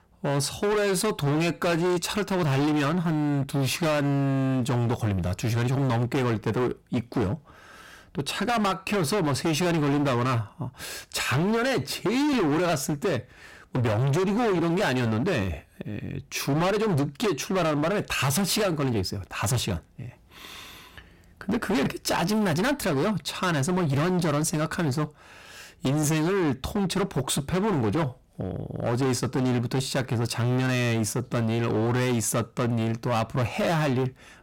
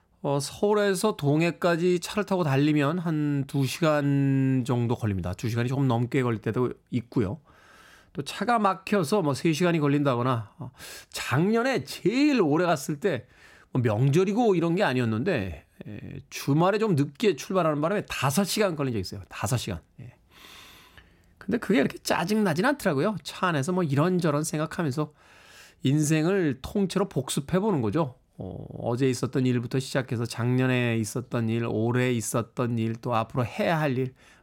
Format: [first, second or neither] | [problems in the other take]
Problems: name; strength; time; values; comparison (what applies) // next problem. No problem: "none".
second | distortion; heavy; 26% of the sound clipped